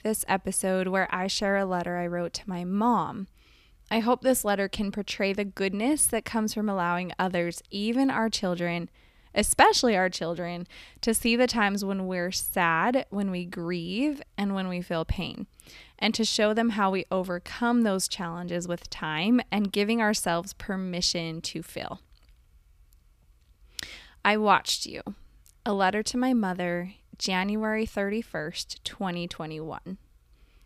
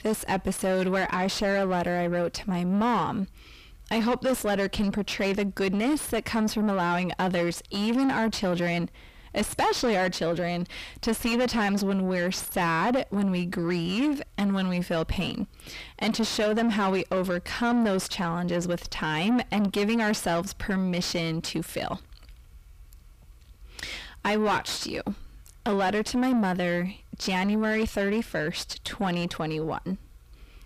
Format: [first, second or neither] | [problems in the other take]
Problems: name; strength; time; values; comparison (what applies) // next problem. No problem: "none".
first | distortion; heavy; 5 dB below the speech